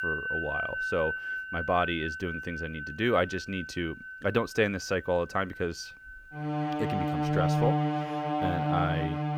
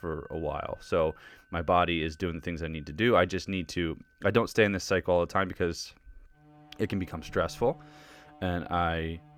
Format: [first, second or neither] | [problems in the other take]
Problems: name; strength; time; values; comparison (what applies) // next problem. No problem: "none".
second | background music; loud; throughout; as loud as the speech; faint in the second